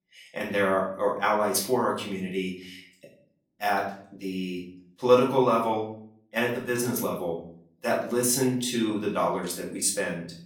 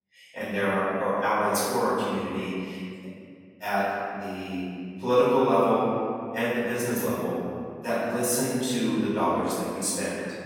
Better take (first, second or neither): first